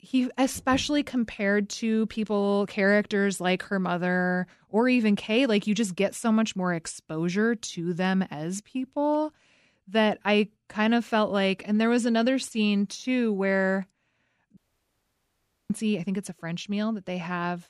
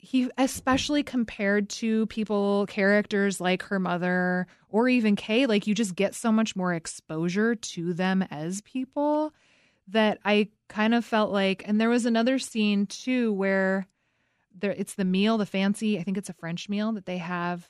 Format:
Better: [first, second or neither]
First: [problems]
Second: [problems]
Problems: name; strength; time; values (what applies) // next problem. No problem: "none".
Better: second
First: audio cutting out; at 15 s for 1 s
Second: none